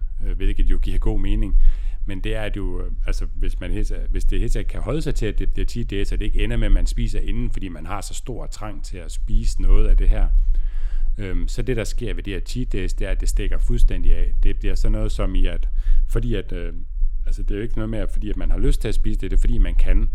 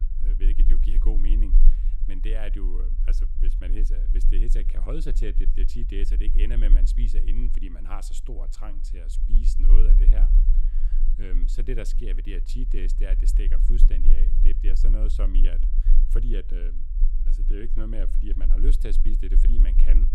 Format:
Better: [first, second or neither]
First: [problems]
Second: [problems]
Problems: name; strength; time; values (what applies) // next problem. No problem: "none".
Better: first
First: low rumble; faint; throughout; 20 dB below the speech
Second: low rumble; loud; throughout; 9 dB below the speech